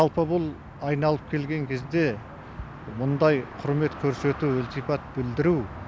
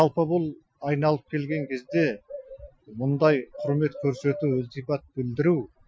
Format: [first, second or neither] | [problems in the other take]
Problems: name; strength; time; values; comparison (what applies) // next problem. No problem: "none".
first | noise reduction (classical method Wiener filter)